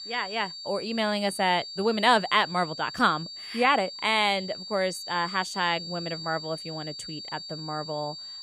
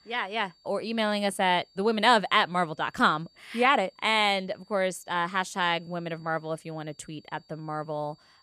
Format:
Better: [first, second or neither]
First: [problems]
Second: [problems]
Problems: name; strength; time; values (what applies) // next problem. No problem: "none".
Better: second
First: high-pitched whine; loud; throughout; 4.5 kHz, 10 dB below the speech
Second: high-pitched whine; faint; throughout; 4.5 kHz, 35 dB below the speech